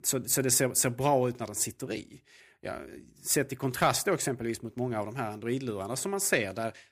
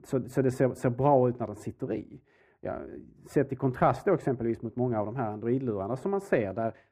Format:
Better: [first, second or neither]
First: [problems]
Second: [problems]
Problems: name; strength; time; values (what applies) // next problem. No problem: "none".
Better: first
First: none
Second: muffled; very; fading above 2.5 kHz